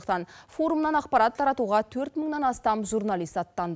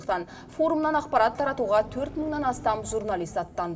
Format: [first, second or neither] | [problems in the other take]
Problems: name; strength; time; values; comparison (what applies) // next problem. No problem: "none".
first | background sound (Car passing by); 18 dB below the speech // room echo; dies away in 1.7 s